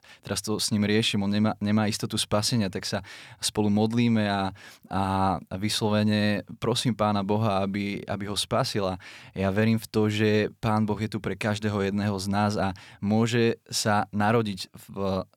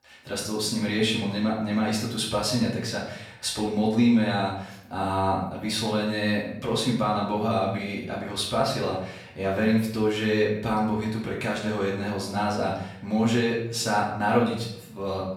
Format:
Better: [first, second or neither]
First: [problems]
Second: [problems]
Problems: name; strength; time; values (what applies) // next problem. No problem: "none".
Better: first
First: none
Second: room echo; noticeable; dies away in 0.6 s // off-mic speech; far